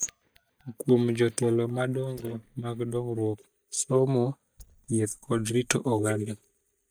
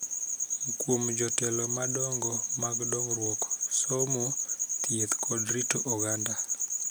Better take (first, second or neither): second